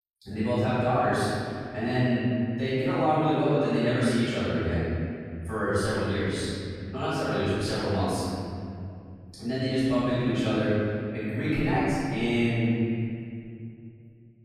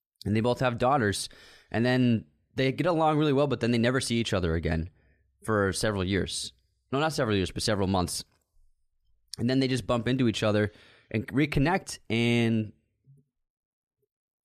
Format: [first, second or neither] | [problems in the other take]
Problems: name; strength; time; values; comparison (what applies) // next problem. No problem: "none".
second | room echo; strong; dies away in 2.6 s // off-mic speech; far